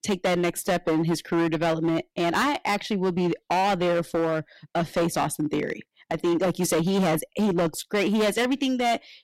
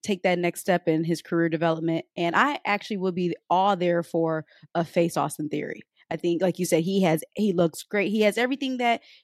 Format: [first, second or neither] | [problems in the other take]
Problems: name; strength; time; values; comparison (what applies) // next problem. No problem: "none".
second | distortion; heavy; 18% of the sound clipped